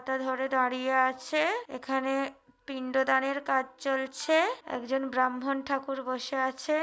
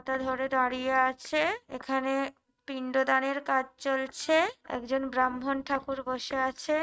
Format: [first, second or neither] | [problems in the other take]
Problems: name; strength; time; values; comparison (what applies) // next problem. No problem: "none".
first | noise reduction (neural mask model RNNoise)